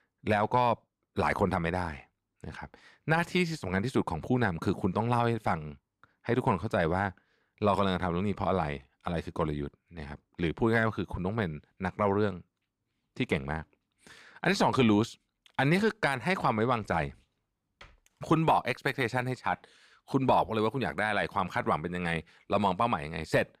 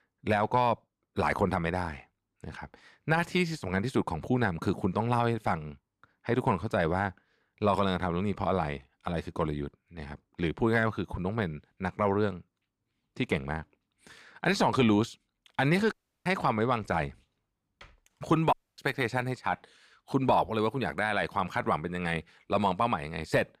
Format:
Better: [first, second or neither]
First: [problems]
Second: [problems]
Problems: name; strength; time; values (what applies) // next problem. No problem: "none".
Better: first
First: none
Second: audio cutting out; at 16 s and at 19 s